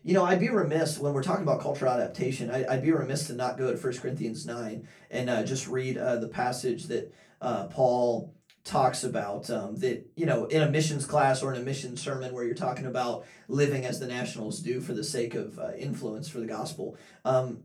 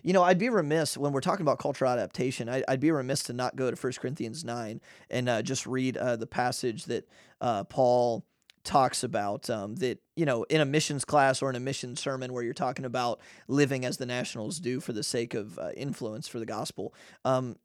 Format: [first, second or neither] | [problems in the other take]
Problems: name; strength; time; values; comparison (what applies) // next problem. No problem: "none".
second | off-mic speech; far // room echo; very slight; dies away in 0.2 s